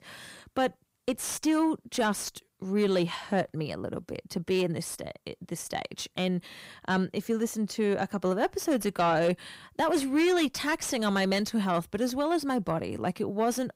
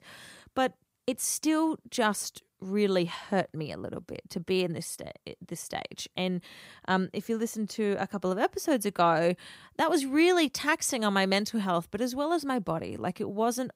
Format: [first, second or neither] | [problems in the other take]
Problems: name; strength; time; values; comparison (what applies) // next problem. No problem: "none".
second | distortion; slight; 10 dB below the speech